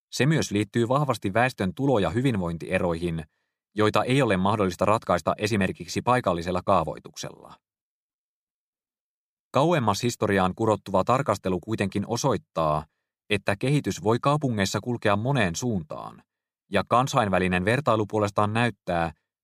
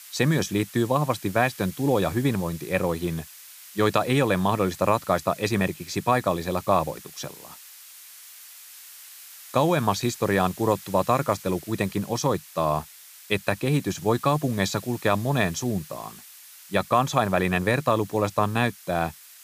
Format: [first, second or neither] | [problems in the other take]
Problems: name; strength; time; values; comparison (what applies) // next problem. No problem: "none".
first | hiss; noticeable; throughout; 20 dB below the speech